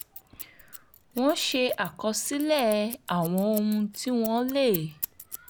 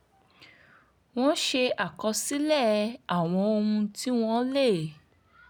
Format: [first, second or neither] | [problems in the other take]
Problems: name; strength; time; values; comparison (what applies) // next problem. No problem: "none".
second | background sound (Scissors); 15 dB below the speech